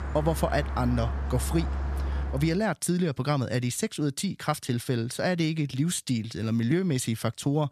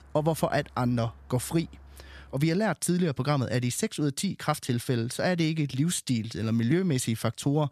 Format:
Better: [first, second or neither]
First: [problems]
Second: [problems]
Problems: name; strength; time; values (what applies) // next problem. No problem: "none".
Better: second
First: traffic noise; loud; until 2.5 s; 5 dB below the speech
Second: traffic noise; faint; until 2.5 s; 25 dB below the speech